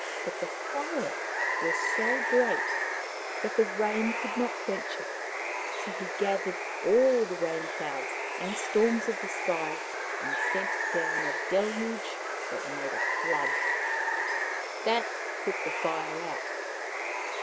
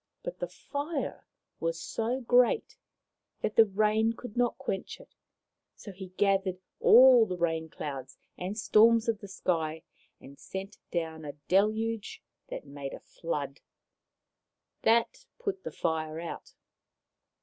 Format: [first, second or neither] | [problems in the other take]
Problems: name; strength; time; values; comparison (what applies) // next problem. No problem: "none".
second | background sound (Water); as loud as the speech